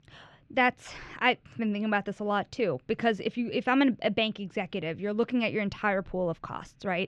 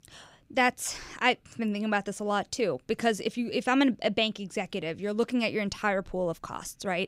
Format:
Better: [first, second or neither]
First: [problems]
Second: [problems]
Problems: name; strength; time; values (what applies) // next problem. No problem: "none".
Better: second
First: muffled; slightly; fading above 2.5 kHz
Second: none